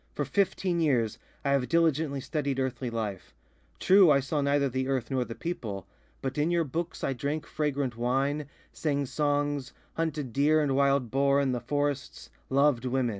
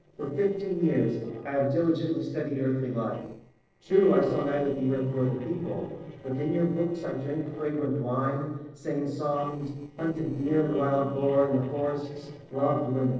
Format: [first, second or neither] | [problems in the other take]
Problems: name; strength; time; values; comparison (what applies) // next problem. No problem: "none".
first | noise reduction (neural separator model SepFormer DNS4)